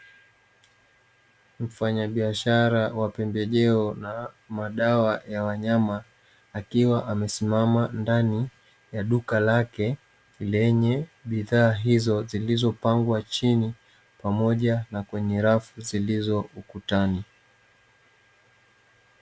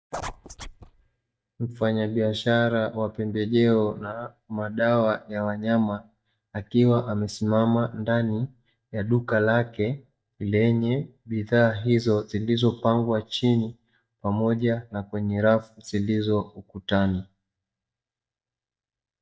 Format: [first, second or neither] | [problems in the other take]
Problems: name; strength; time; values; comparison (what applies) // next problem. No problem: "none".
first | noise reduction (neural mask model DeepFilterNet 3)